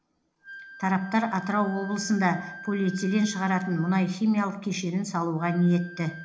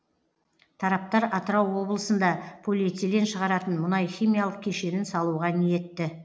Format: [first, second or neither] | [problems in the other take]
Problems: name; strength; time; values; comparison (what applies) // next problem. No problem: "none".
second | background sound (Wind instrument, woodwind instrument); 17 dB below the speech // room echo; dies away in 0.4 s